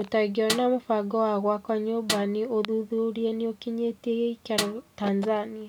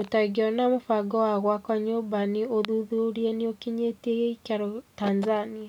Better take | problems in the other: second | background sound (Snare drum); 8 dB below the speech

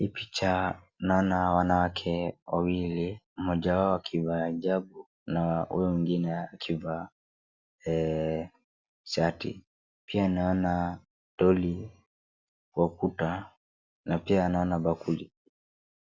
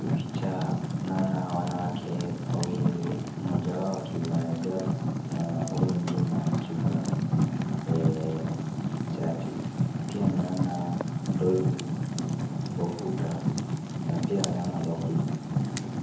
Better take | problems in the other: first | background sound (Fire); 4 dB above the speech // room echo; dies away in 0.7 s

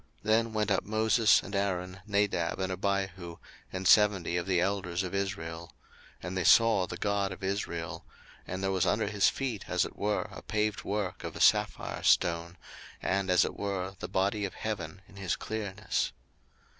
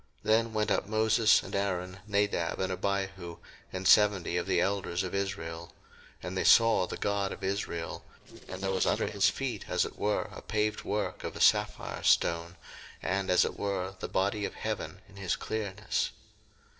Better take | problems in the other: first | noise reduction (neural separator model SepFormer DNS4)

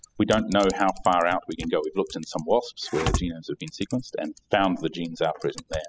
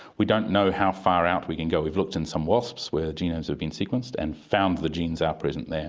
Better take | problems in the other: second | noise reduction (classical method spectral subtraction)

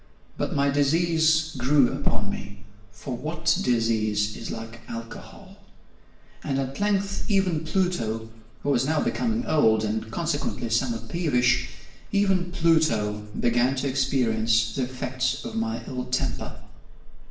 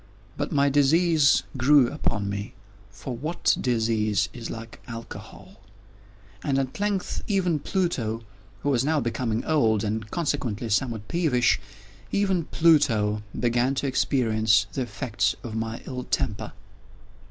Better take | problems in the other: second | room echo; dies away in 0.7 s

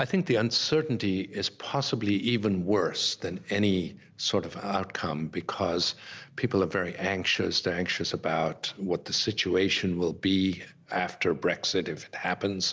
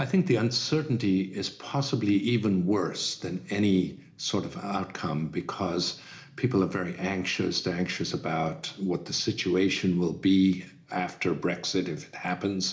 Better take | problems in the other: first | room echo; dies away in 0.4 s

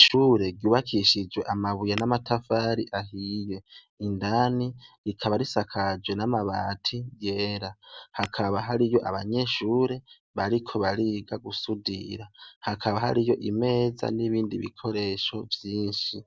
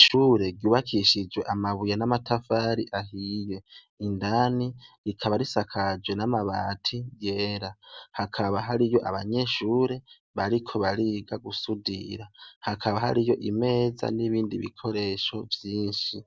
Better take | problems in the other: second | background sound (Tap / Glass); 14 dB below the speech

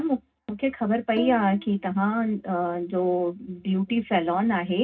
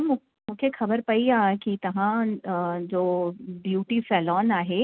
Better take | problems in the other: second | background sound (Bowed string instrument); 15 dB below the speech // room echo; dies away in 0.4 s

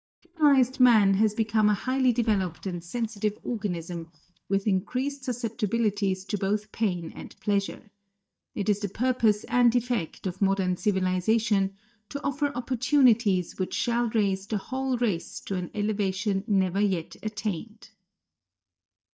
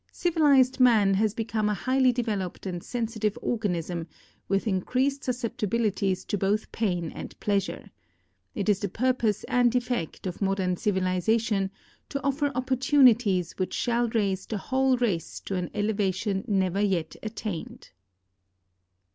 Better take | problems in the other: second | noise reduction (neural mask model DeepFilterNet 3)

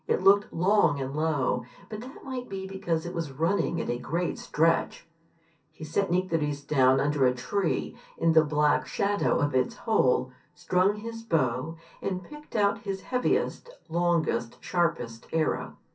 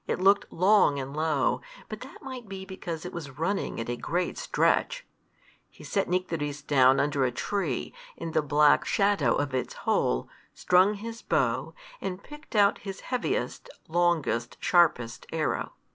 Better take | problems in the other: second | room echo; dies away in 0.3 s

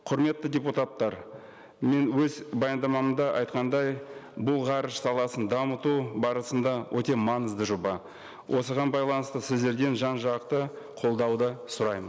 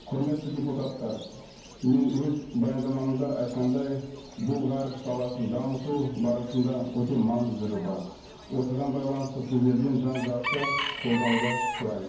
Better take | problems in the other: first | background sound (Bird / Chicken, rooster); 11 dB below the speech // room echo; dies away in 0.9 s

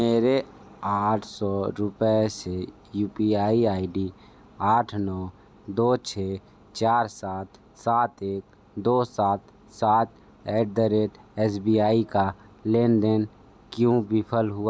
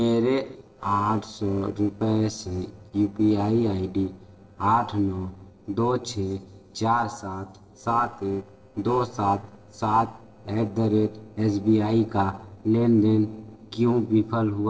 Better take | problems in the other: first | noise reduction (neural separator model SepFormer DNS4)

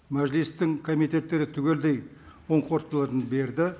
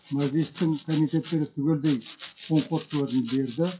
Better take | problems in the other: first | noise reduction (classical method WPE with log-MMSE)

